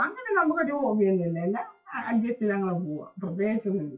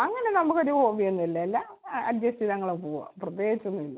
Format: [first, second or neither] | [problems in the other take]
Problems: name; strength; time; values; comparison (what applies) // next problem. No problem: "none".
second | noise reduction (classical method WPE with log-MMSE)